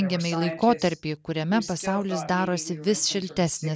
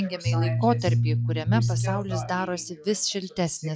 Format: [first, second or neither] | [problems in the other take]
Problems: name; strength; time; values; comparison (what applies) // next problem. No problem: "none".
first | noise reduction (classical method log-MMSE)